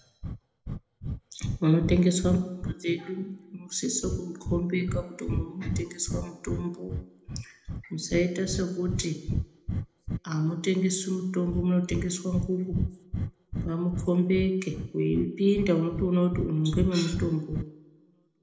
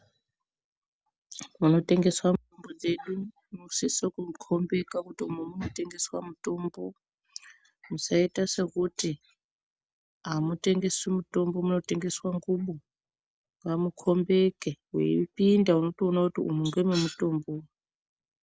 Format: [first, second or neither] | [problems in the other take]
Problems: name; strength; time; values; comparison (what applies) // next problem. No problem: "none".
second | background sound (Breathing); 6 dB below the speech // room echo; dies away in 0.8 s